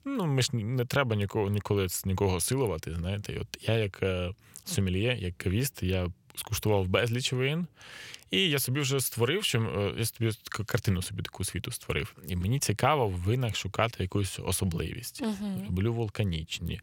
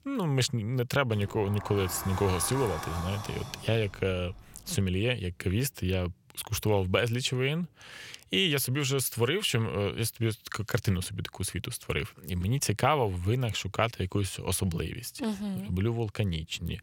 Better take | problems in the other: first | door banging; noticeable; from 1 to 5 s; peak 7 dB below the speech

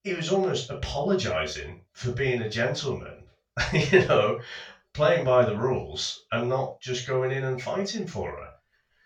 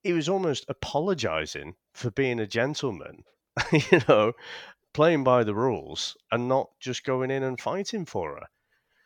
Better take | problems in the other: second | room echo; slight; dies away in 0.2 s // off-mic speech; far

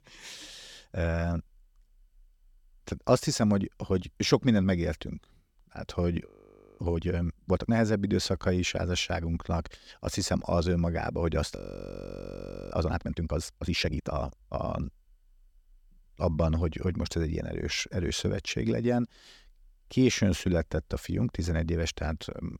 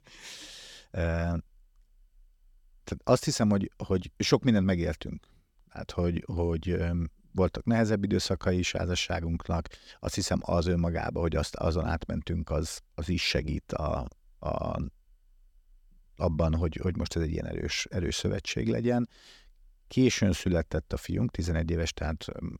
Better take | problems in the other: second | audio freezing; at 6.5 s for 0.5 s and at 12 s for 1 s

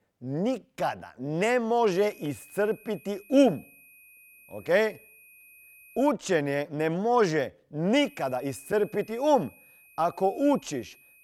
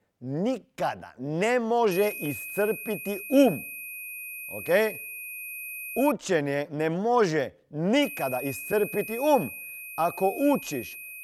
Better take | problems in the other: first | high-pitched whine; loud; from 2 to 6 s and from 8 s on; 2.5 kHz, 9 dB below the speech; faint in the first

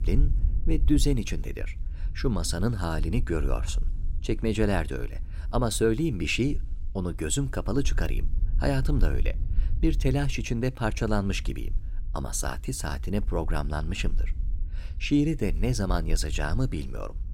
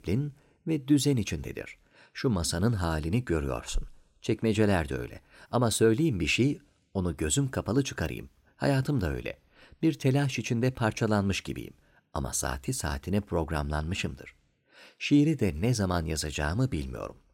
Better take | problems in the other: second | low rumble; faint; throughout; 20 dB below the speech

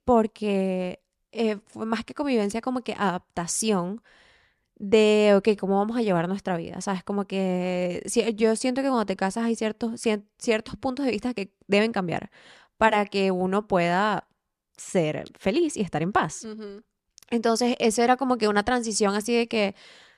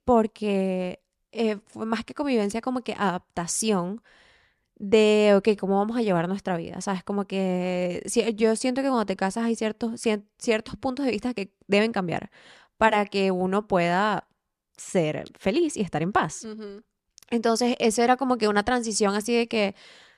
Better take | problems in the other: neither | none

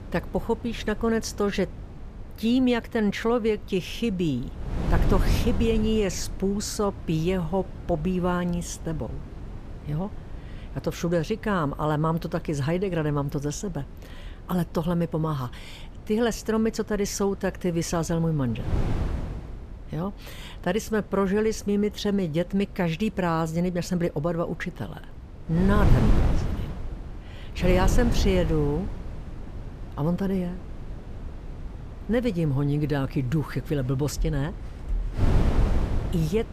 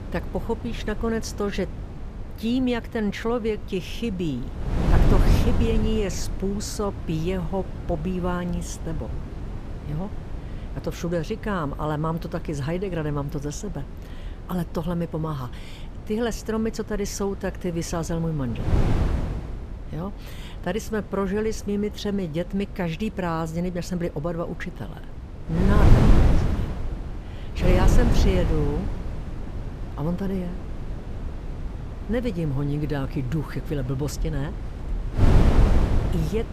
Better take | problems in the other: first | wind noise on the microphone; heavy; 5 dB below the speech; occasional gusts in the first

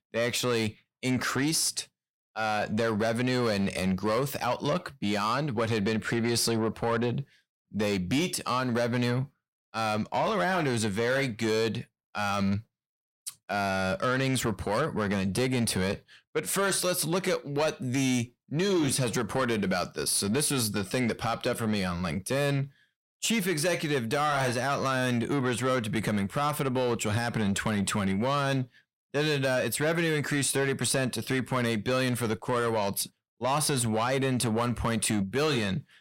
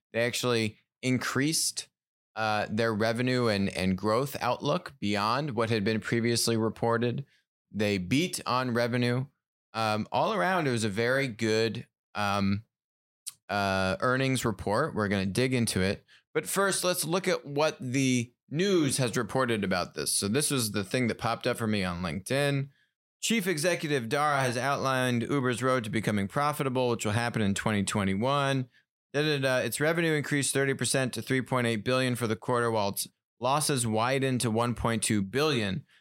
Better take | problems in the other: second | distortion; slight; 10 dB below the speech

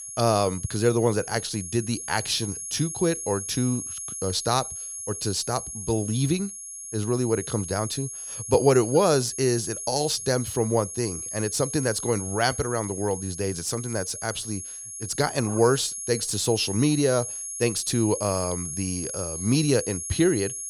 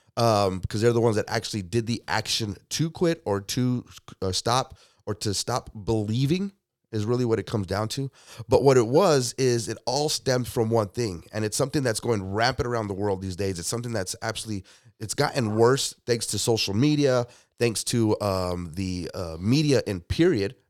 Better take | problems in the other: second | high-pitched whine; loud; throughout; 11 kHz, 7 dB below the speech

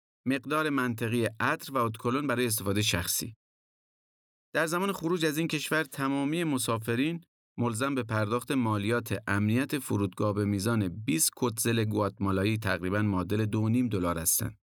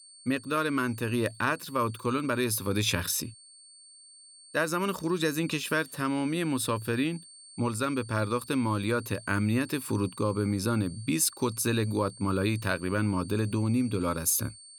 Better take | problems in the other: first | high-pitched whine; noticeable; throughout; 8.5 kHz, 20 dB below the speech

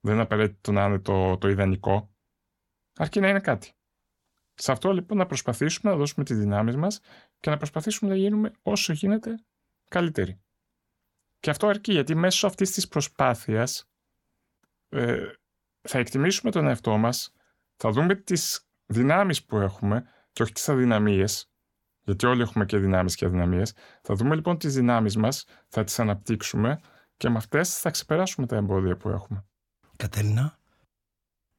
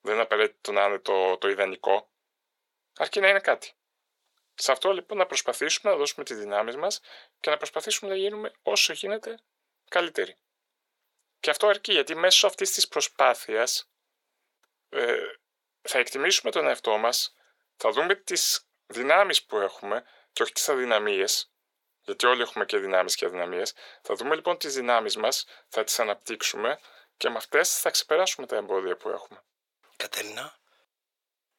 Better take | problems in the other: first | thin; very; fading below 450 Hz

